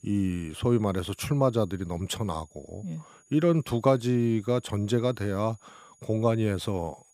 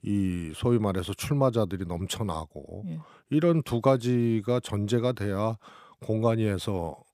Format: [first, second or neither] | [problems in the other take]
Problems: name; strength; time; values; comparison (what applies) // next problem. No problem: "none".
second | high-pitched whine; faint; throughout; 6.5 kHz, 30 dB below the speech